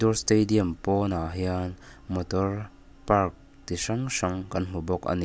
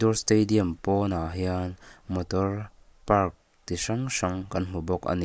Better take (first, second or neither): first